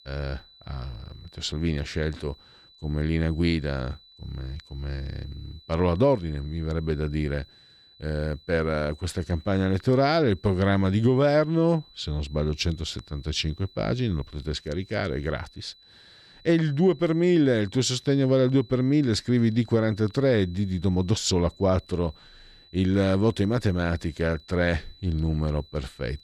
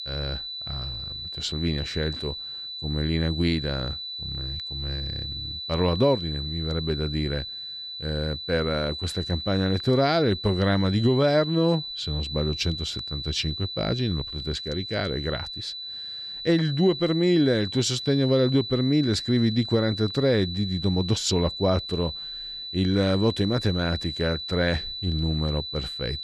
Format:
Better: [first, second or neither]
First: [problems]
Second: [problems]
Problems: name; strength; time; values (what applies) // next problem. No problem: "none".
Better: first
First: high-pitched whine; faint; throughout; 4 kHz, 25 dB below the speech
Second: high-pitched whine; loud; throughout; 4 kHz, 7 dB below the speech